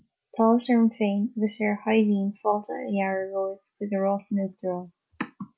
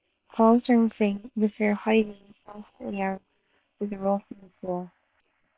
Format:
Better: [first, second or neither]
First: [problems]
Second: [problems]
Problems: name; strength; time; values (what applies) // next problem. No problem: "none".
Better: first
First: none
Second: noise reduction (neural separator model SepFormer WHAM!)